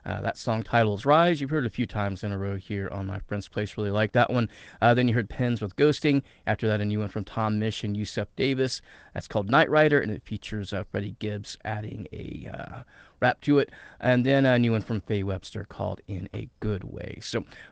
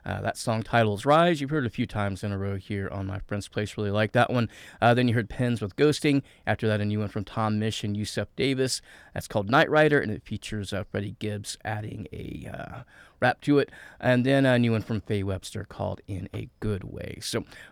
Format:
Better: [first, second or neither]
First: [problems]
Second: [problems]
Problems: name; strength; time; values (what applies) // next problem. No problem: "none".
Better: second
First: garbled, watery; slightly; nothing above 8 kHz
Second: none